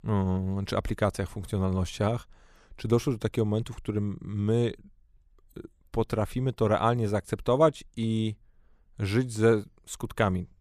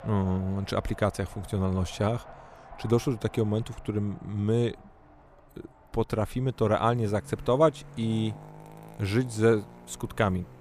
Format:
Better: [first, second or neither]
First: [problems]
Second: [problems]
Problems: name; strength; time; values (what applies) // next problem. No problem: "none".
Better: first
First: none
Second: traffic noise; faint; throughout; 20 dB below the speech